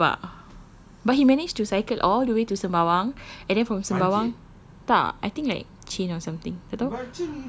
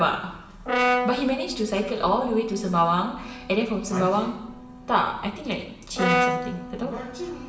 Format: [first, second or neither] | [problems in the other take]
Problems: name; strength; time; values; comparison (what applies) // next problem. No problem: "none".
first | background sound (Brass instrument); 4 dB below the speech // room echo; dies away in 0.8 s